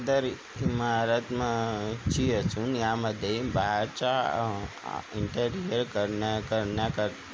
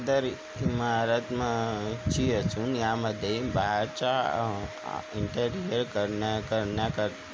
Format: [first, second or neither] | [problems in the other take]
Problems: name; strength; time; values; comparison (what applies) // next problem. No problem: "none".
first | background sound (Wind instrument, woodwind instrument); 16 dB below the speech